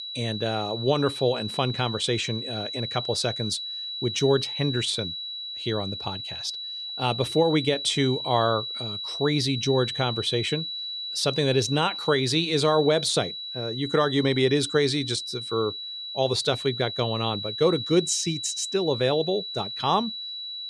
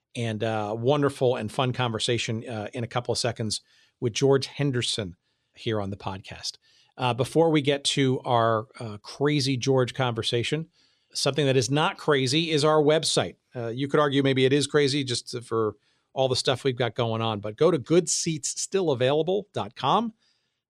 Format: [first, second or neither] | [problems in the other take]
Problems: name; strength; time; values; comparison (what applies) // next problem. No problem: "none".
second | high-pitched whine; loud; throughout; 4 kHz, 6 dB below the speech